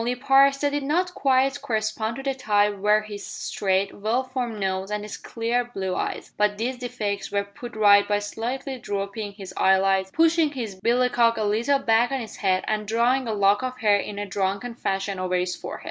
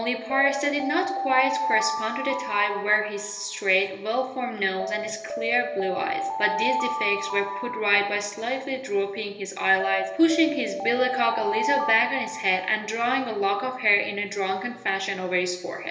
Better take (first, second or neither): first